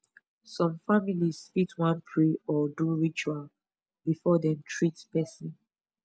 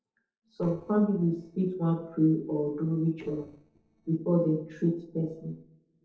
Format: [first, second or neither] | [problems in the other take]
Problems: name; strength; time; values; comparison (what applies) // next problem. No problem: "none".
first | noise reduction (neural separator model SepFormer DNS4)